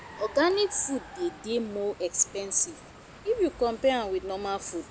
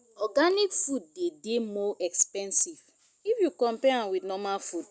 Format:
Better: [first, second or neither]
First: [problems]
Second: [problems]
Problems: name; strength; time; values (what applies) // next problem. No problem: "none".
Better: second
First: background sound (Water + Car); 17 dB below the speech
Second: none